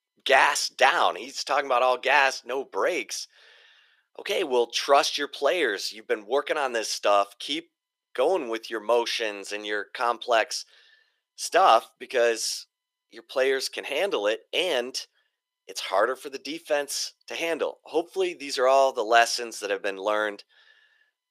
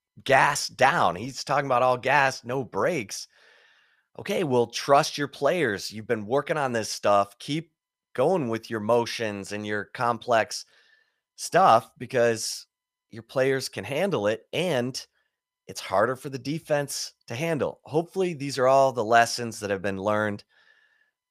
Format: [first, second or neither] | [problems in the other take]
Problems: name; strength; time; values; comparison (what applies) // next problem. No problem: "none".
second | thin; somewhat; fading below 350 Hz